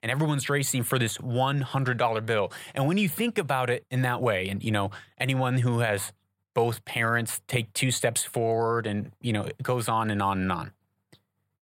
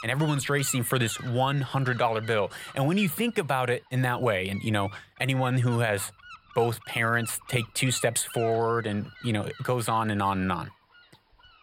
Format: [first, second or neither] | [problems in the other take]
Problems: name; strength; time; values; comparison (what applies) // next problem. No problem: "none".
first | wind noise on the microphone; occasional gusts; 15 dB below the speech